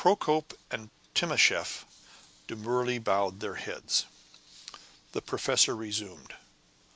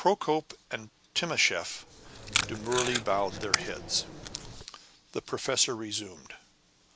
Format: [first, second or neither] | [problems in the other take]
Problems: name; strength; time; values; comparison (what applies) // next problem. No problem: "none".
first | background sound (Packing tape, duct tape); 2 dB below the speech